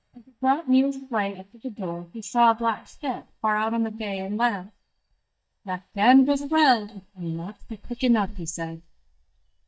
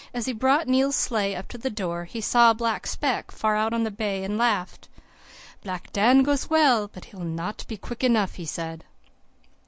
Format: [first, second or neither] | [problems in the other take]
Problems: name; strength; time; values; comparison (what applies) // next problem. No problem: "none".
second | noise reduction (neural mask model DeepFilterNet 3)